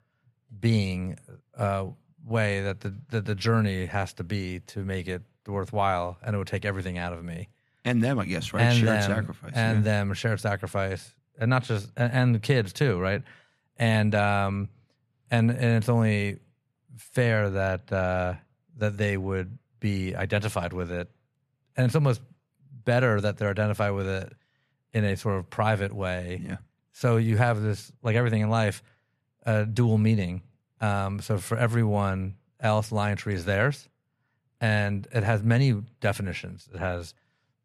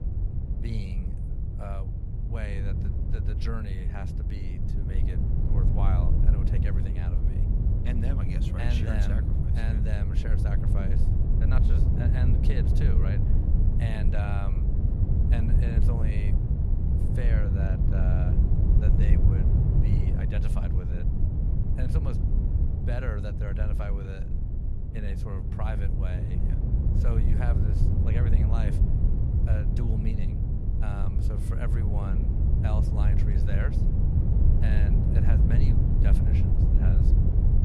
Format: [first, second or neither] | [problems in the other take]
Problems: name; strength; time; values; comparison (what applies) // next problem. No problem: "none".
first | wind noise on the microphone; heavy; 1 dB above the speech